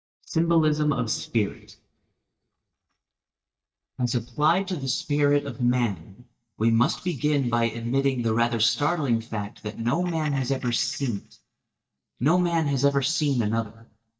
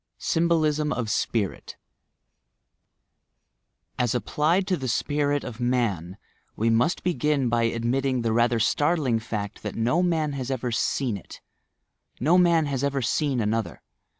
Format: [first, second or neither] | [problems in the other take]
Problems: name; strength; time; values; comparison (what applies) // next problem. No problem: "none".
second | noise reduction (neural mask model DeepFilterNet 3)